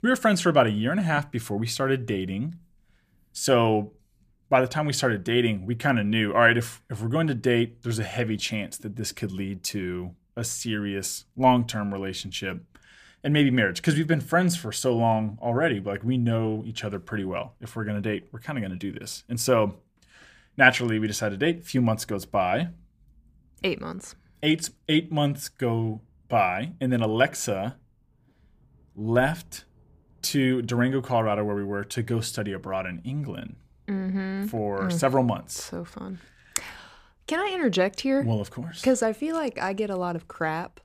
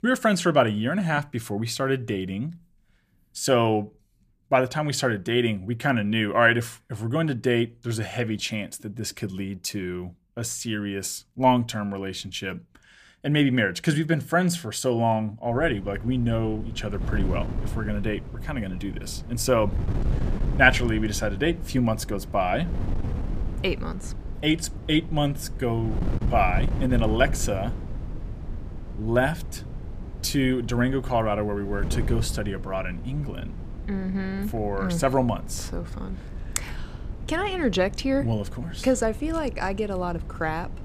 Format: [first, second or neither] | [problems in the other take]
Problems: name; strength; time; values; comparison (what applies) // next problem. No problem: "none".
first | wind noise on the microphone; occasional gusts; from 16 s on; 15 dB below the speech